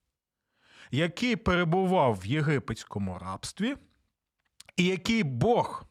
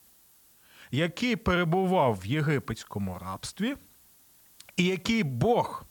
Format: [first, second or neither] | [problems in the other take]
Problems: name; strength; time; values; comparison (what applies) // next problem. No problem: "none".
first | hiss; faint; throughout; 30 dB below the speech